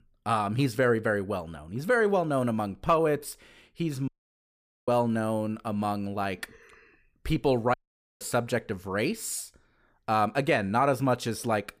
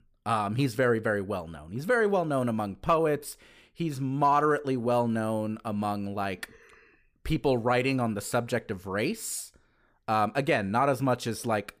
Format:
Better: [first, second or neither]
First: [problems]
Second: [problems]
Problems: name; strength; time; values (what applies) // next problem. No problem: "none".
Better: second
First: audio cutting out; at 4 s for 1 s and at 7.5 s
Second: none